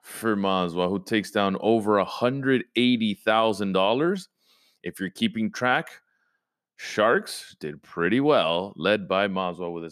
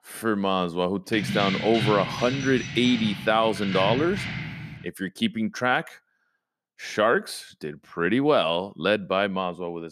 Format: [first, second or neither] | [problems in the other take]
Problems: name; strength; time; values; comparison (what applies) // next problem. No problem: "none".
first | jangling keys; noticeable; from 1 to 5 s; peak 3 dB below the speech